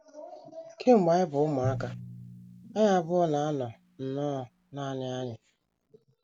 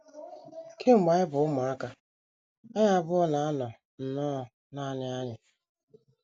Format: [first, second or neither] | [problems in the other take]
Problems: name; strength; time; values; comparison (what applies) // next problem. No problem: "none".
second | background sound (Drum); 14 dB below the speech